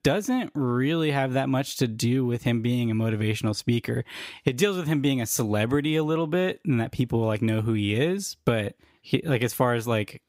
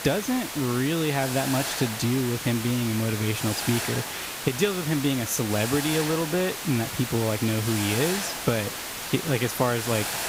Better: first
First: none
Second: hiss; loud; throughout; 4 dB below the speech

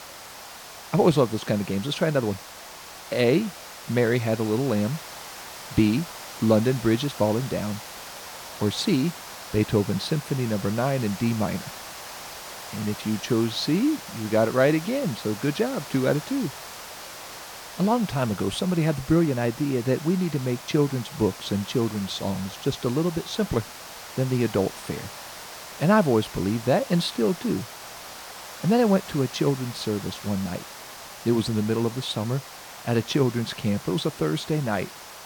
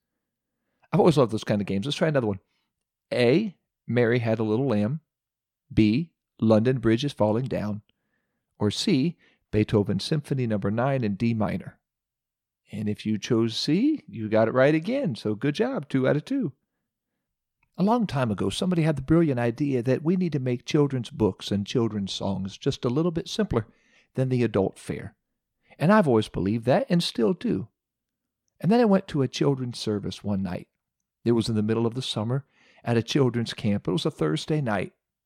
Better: second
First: hiss; noticeable; throughout; 15 dB below the speech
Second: none

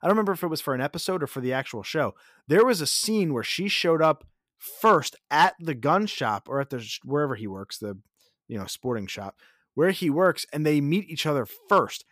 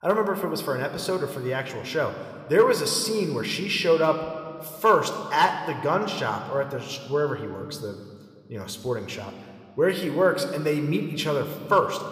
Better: first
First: none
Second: room echo; slight; dies away in 1.5 s

